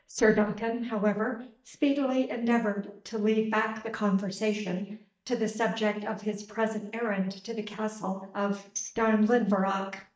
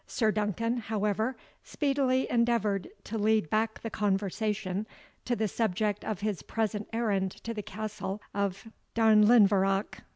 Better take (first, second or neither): second